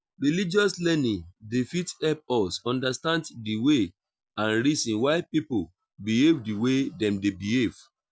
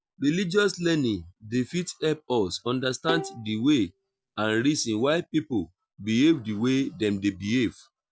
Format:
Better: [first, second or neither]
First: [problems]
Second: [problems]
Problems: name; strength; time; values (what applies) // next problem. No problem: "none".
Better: first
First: none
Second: background sound (Bowed string instrument); 11 dB below the speech